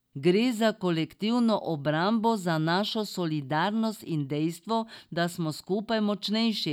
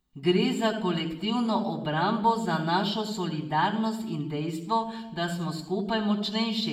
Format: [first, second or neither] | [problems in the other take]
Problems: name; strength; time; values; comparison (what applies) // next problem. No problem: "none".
first | room echo; dies away in 0.7 s